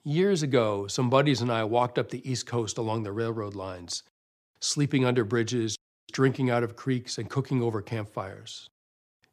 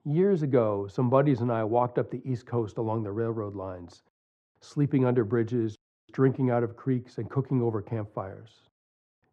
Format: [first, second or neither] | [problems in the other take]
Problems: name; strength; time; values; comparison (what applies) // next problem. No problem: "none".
first | muffled; very; fading above 2.5 kHz